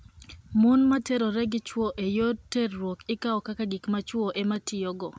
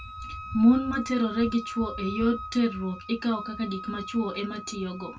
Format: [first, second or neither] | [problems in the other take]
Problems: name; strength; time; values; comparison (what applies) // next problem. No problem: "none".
first | background sound (Wind instrument, woodwind instrument); 13 dB below the speech // room echo; dies away in 0.1 s